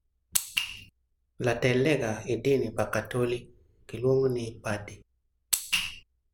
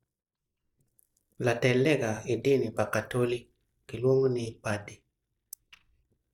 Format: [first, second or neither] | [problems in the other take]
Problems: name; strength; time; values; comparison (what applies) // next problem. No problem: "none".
first | noise reduction (neural mask model DeepFilterNet 3)